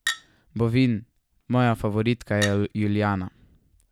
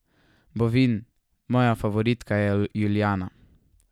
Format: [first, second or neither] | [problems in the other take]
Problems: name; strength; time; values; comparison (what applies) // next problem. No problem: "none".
second | background sound (Chink, clink); 13 dB below the speech